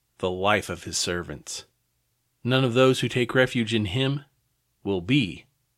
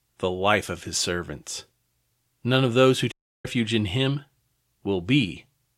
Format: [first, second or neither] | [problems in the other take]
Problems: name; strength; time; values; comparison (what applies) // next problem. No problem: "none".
first | audio cutting out; at 3 s